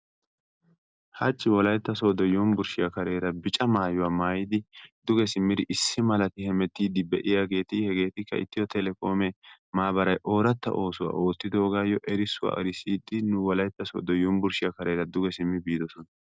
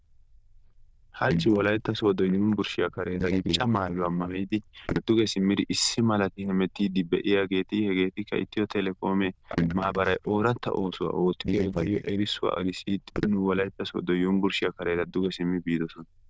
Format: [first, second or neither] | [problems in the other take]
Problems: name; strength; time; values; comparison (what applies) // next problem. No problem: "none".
first | noise reduction (neural diffusion model UNIVERSE++)